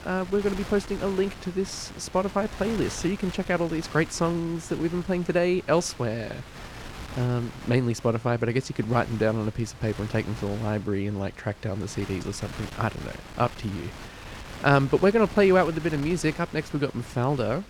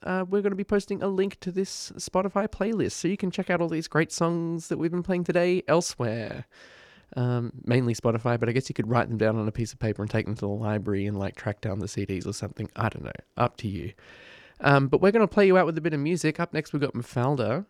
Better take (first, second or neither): second